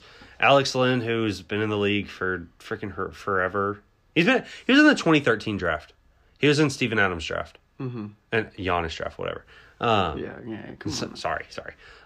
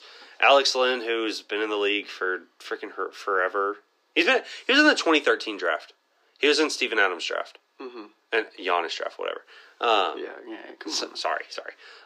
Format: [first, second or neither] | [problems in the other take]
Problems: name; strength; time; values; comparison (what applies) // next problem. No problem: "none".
first | thin; somewhat; fading below 300 Hz